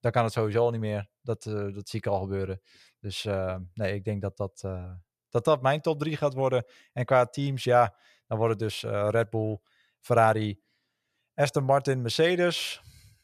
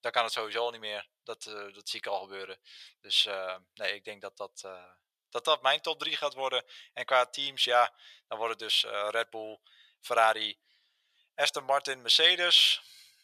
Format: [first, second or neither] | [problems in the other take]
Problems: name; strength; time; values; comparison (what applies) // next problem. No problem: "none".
first | thin; very; fading below 850 Hz